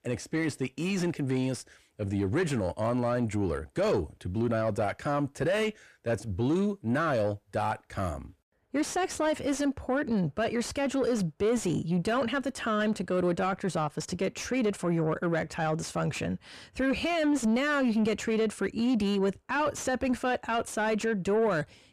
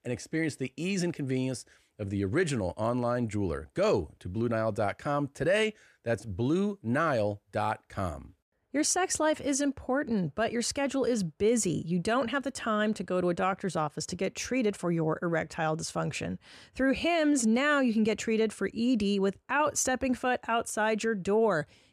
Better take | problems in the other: second | distortion; slight; 10 dB below the speech

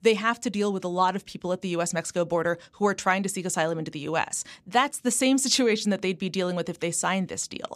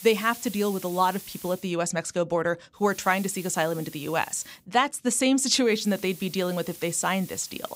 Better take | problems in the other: first | hiss; noticeable; until 1.5 s, from 3 to 4.5 s and from 5.5 s on; 15 dB below the speech

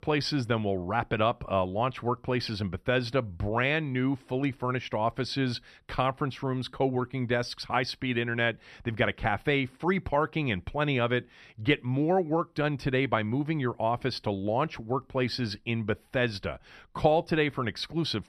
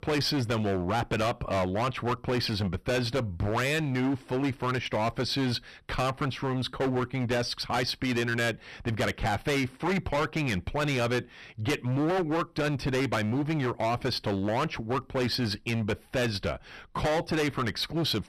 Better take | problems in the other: first | distortion; heavy; 21% of the sound clipped

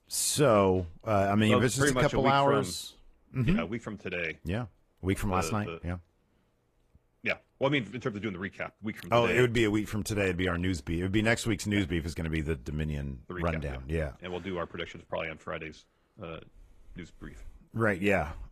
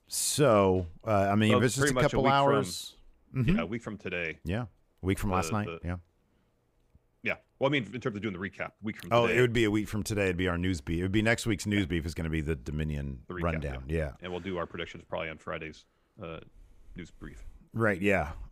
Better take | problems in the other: second | garbled, watery; slightly; nothing above 13.5 kHz

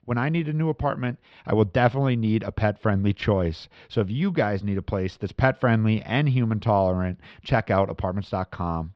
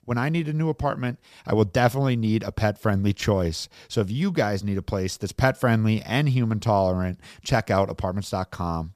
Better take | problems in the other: second | muffled; slightly; fading above 3.5 kHz

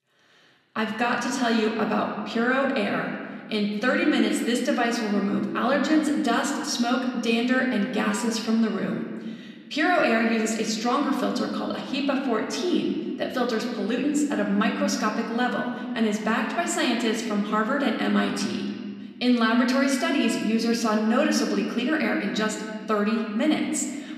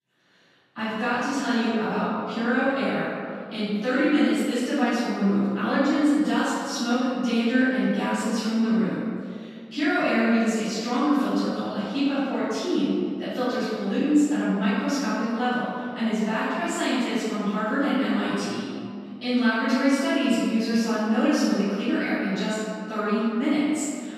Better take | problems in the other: first | room echo; strong; dies away in 2.1 s; slight in the first // off-mic speech; far; somewhat distant in the first

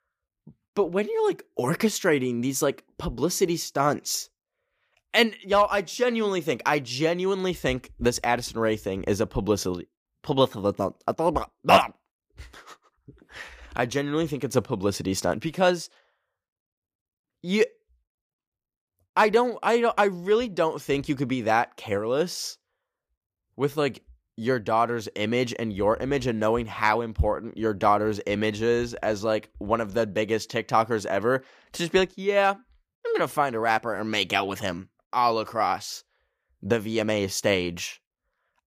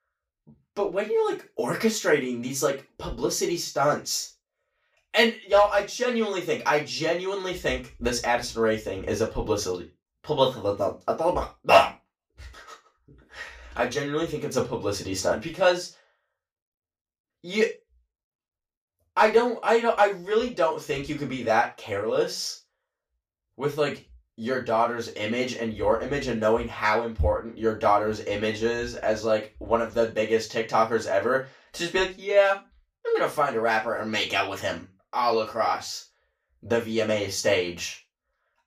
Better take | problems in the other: first | room echo; very slight; dies away in 0.3 s // off-mic speech; far

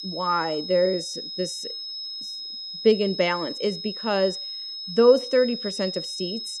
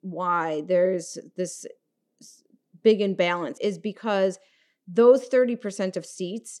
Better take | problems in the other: second | high-pitched whine; loud; throughout; 5 kHz, 8 dB below the speech

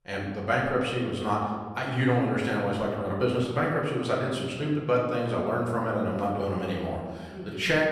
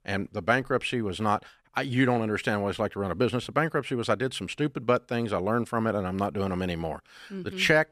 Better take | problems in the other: second | room echo; noticeable; dies away in 1.4 s // off-mic speech; far

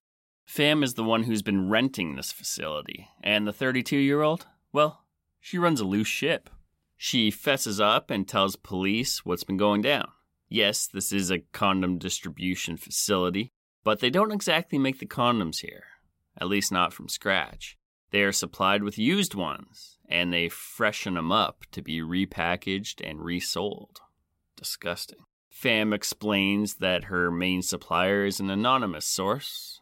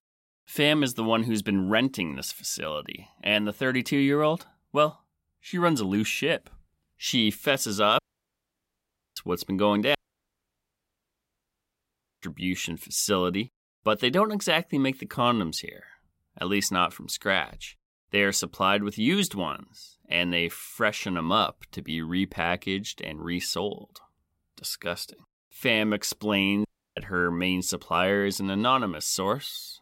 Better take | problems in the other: first | audio cutting out; at 8 s for 1 s, at 10 s for 2.5 s and at 27 s

